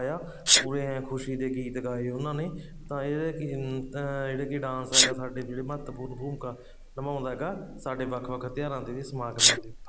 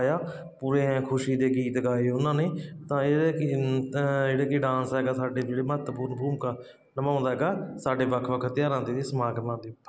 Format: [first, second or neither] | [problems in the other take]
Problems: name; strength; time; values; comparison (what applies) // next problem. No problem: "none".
second | background sound (Sneeze); 1 dB above the speech